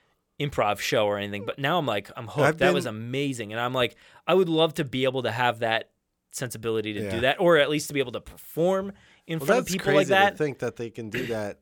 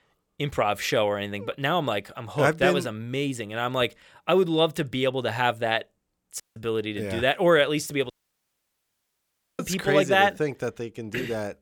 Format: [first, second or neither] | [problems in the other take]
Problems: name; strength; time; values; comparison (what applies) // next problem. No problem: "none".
first | audio cutting out; at 6.5 s and at 8 s for 1.5 s